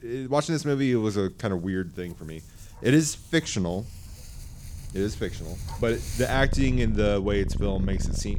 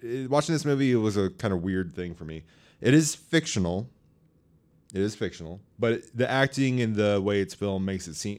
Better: second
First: animal sounds; loud; throughout; 7 dB below the speech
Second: none

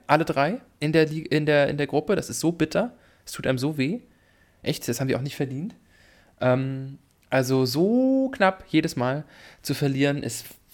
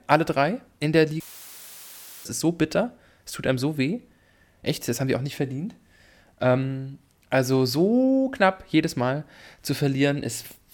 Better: first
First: none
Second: audio cutting out; filled with static; at 1 s for 1 s

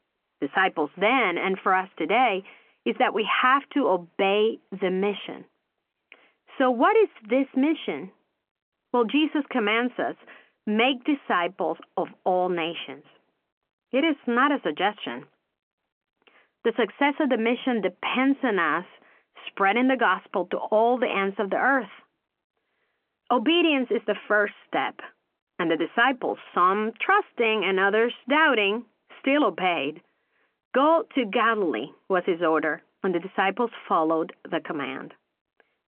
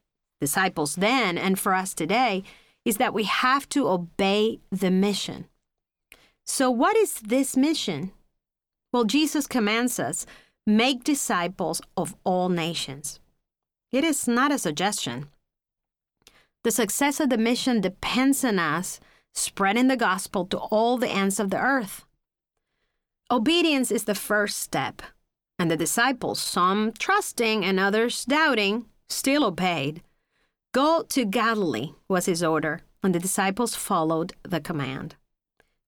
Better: second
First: phone-call audio; nothing above 3 kHz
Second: none

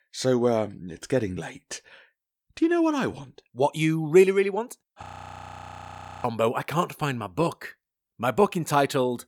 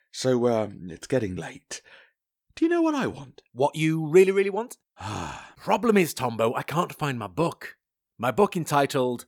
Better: second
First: audio freezing; at 5 s for 1 s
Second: none

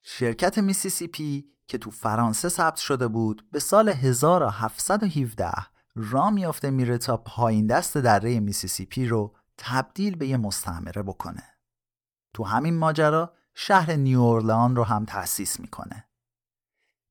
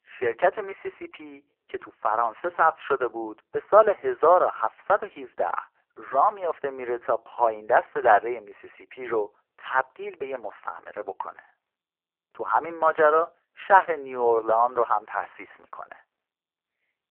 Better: first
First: none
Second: phone-call audio; poor line

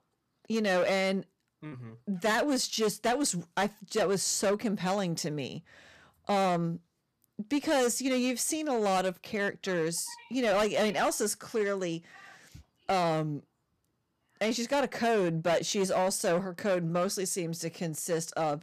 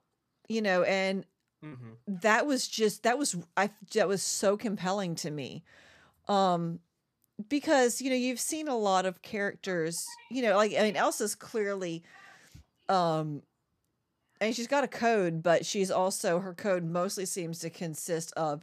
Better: second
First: distortion; slight; 9% of the sound clipped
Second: none

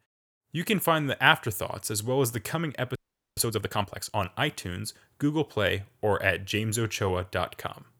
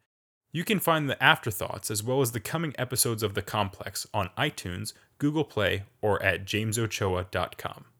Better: second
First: audio freezing; at 3 s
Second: none

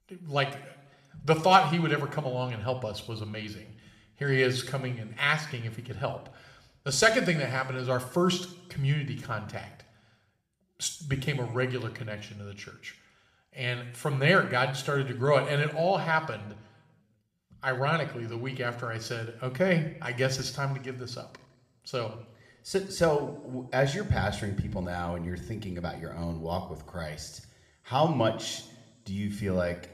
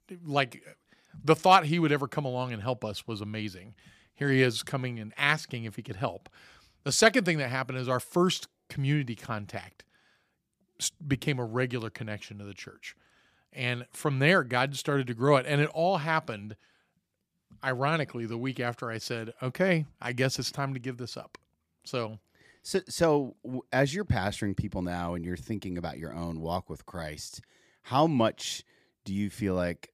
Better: second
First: room echo; slight; dies away in 0.7 s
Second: none

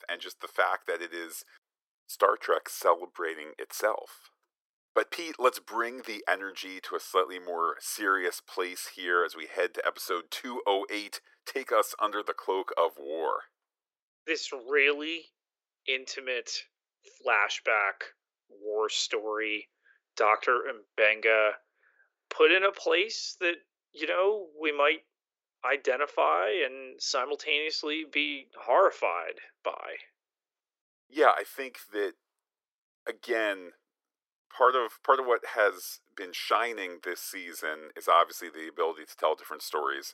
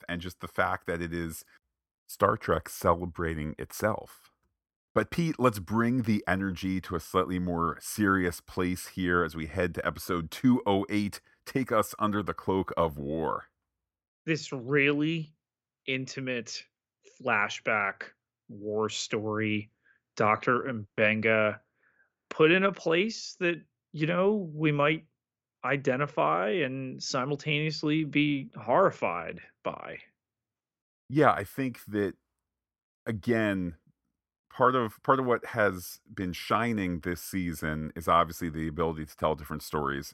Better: second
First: thin; very; fading below 400 Hz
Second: none

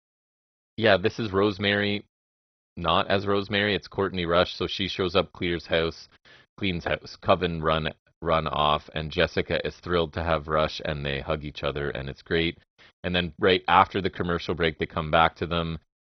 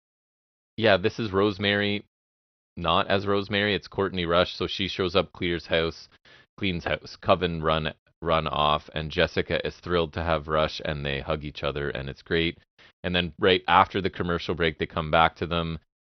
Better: second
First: garbled, watery; badly; nothing above 6 kHz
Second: garbled, watery; slightly; nothing above 6 kHz

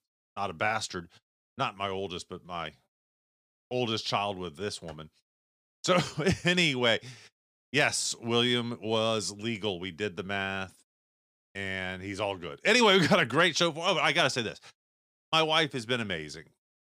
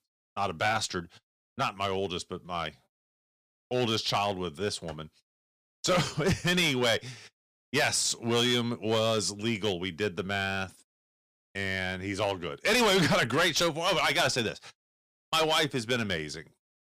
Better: first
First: none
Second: distortion; heavy; 6% of the sound clipped

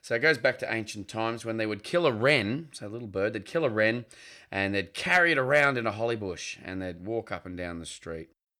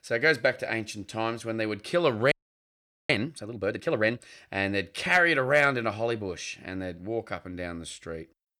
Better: first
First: none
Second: audio freezing; at 2.5 s for 1 s

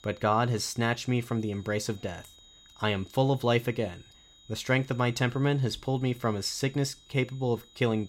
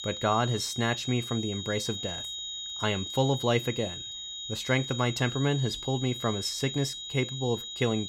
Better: first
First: high-pitched whine; faint; throughout; 4 kHz, 25 dB below the speech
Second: high-pitched whine; loud; throughout; 4 kHz, 6 dB below the speech

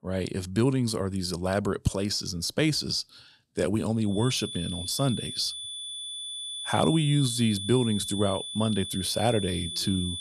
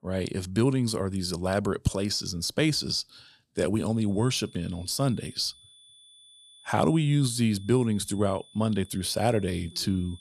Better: second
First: high-pitched whine; loud; from 4 s on; 3.5 kHz, 7 dB below the speech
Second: high-pitched whine; faint; from 4 s on; 3.5 kHz, 25 dB below the speech

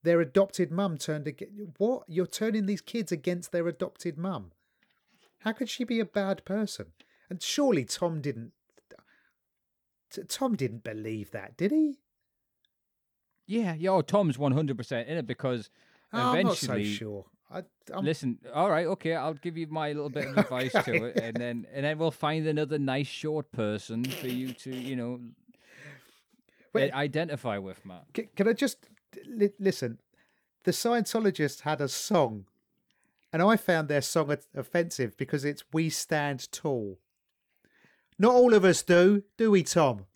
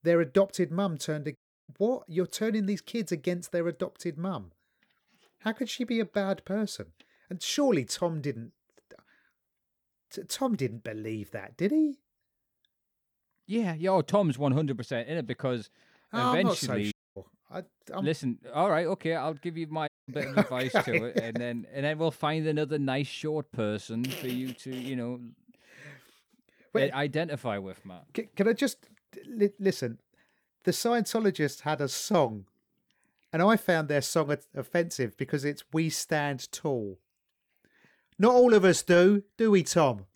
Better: first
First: none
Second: audio cutting out; at 1.5 s, at 17 s and at 20 s

